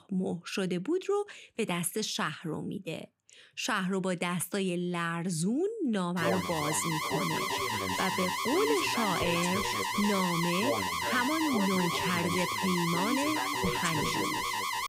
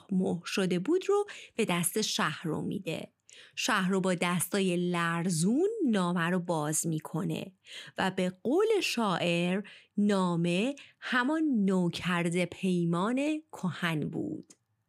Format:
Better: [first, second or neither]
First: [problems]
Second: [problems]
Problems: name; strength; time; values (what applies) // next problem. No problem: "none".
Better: second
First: alarm; loud; from 6 s on; peak 2 dB above the speech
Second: none